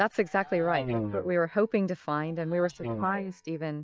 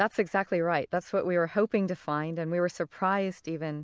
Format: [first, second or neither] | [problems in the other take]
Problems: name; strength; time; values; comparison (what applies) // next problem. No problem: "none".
second | noise reduction (neural mask model DeepFilterNet 3)